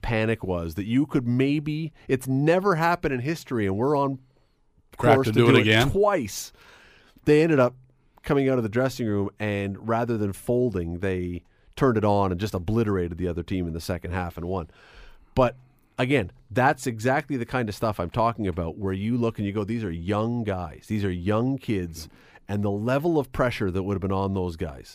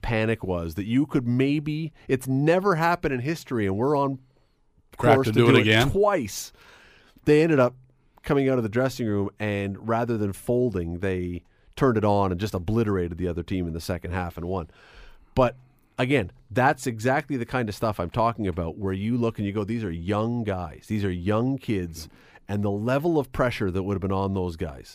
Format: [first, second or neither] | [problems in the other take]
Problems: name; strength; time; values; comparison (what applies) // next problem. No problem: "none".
neither | none